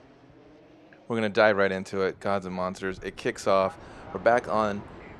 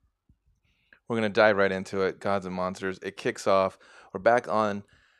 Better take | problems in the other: second | train or aircraft noise; faint; throughout; 20 dB below the speech

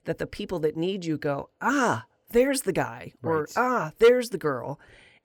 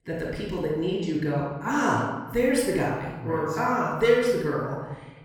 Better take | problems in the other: first | off-mic speech; far // room echo; noticeable; dies away in 1.2 s

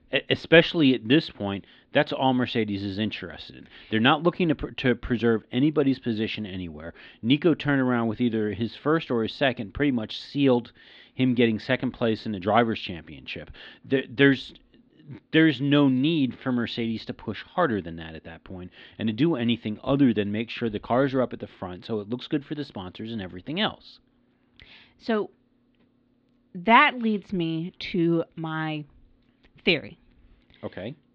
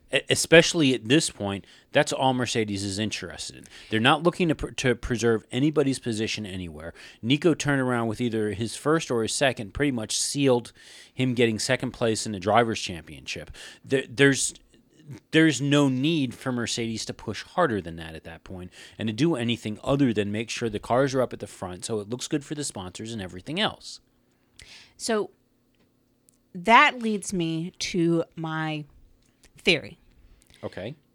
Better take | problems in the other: second | muffled; slightly; fading above 4 kHz

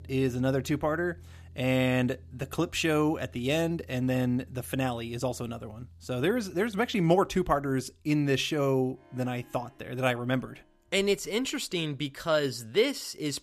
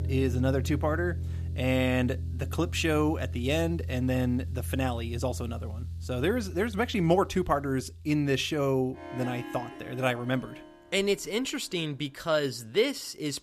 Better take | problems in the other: first | background music; loud; throughout; 7 dB below the speech; faint in the first

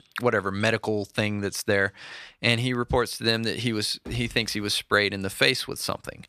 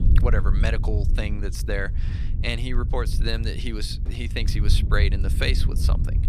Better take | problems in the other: first | wind noise on the microphone; occasional gusts; 10 dB below the speech

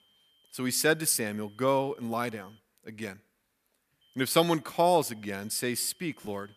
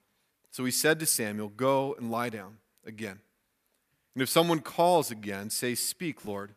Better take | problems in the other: second | high-pitched whine; faint; until 2.5 s and from 4 s on; 3 kHz, 35 dB below the speech

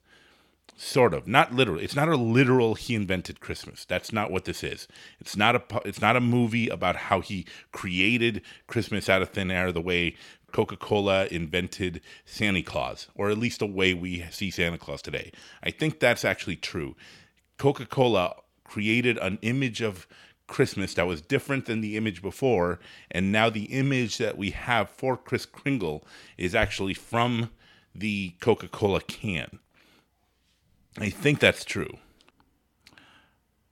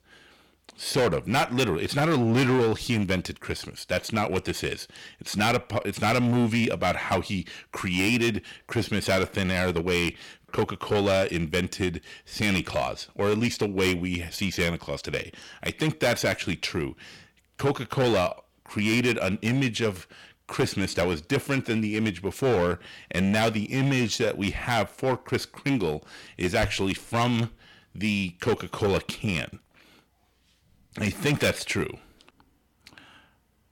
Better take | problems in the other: first | distortion; heavy; 8% of the sound clipped

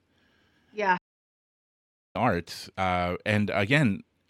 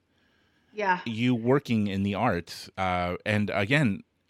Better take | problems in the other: second | audio cutting out; at 1 s for 1 s

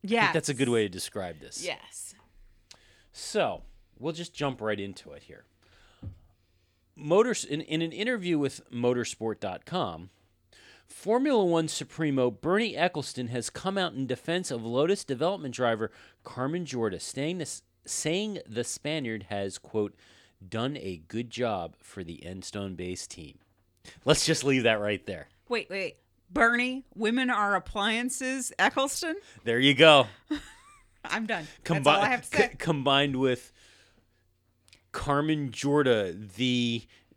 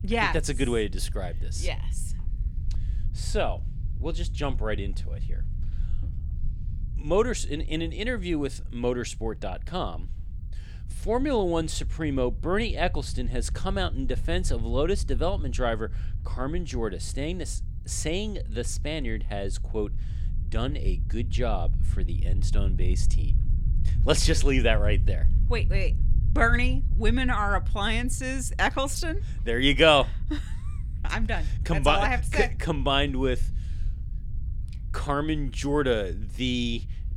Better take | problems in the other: first | low rumble; faint; throughout; 20 dB below the speech

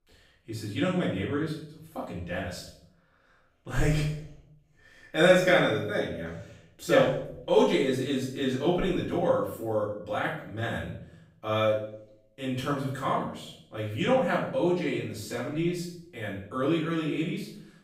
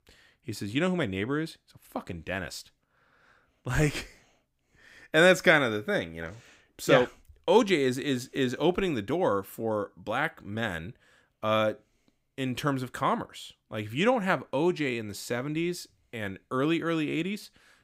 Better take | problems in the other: second | room echo; noticeable; dies away in 0.6 s // off-mic speech; far

